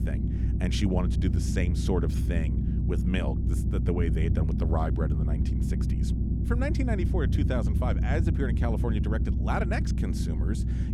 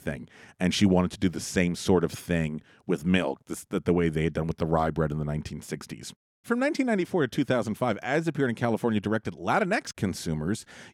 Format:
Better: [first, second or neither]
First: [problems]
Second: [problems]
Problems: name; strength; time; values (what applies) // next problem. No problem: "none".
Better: second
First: low rumble; loud; throughout; 5 dB below the speech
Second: none